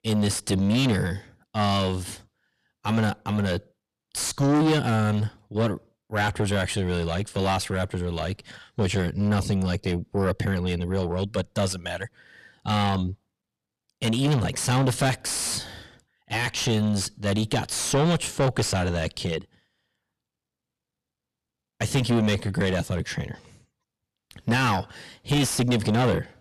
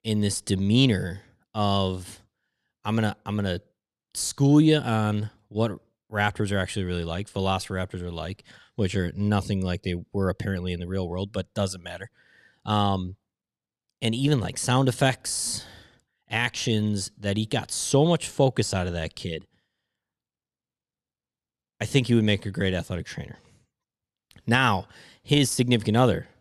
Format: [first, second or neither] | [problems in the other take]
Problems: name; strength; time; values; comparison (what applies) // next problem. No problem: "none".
second | distortion; heavy; 5 dB below the speech